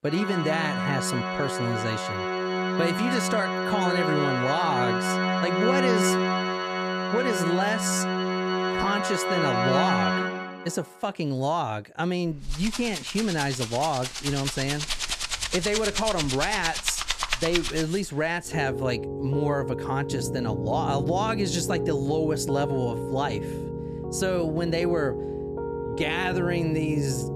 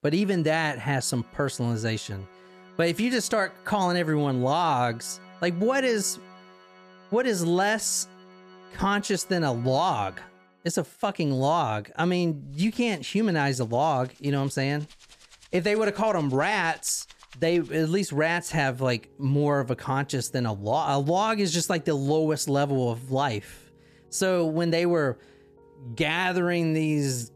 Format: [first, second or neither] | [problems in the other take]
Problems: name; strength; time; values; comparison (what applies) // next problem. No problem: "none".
second | background music; loud; throughout; as loud as the speech; faint in the second